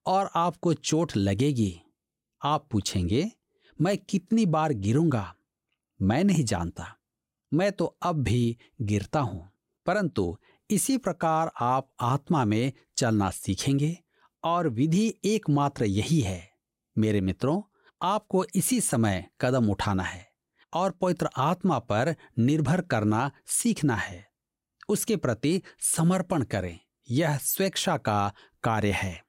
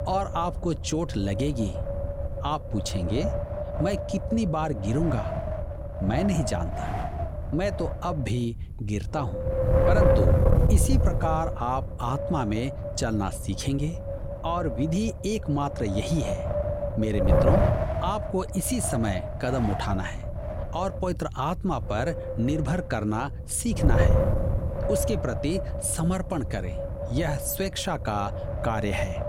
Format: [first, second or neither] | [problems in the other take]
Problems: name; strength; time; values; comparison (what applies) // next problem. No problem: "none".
first | wind noise on the microphone; heavy; 1 dB below the speech